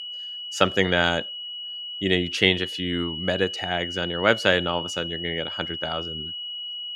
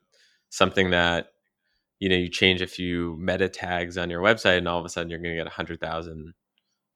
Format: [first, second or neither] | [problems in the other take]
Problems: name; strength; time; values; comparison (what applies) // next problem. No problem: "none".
second | high-pitched whine; loud; throughout; 3 kHz, 7 dB below the speech